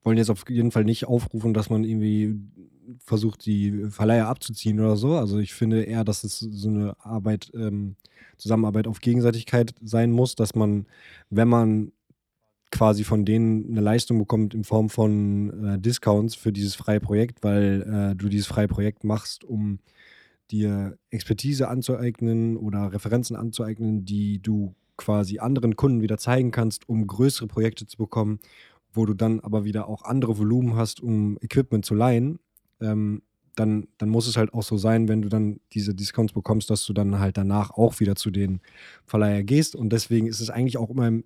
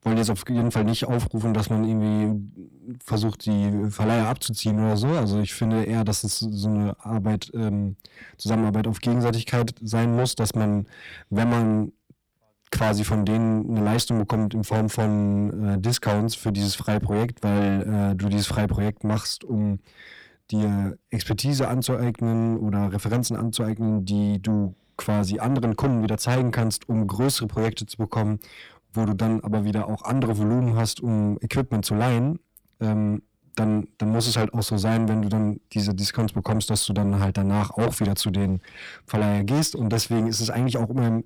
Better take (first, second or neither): first